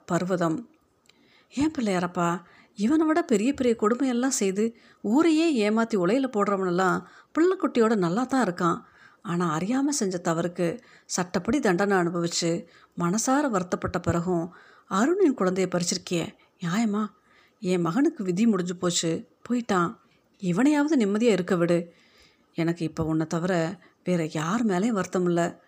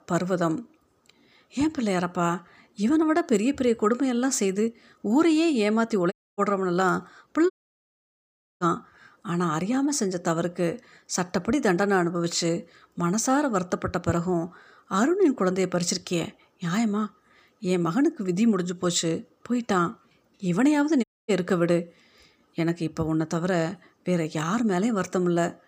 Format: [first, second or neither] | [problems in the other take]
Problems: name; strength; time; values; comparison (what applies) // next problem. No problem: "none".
first | audio cutting out; at 6 s, at 7.5 s for 1 s and at 21 s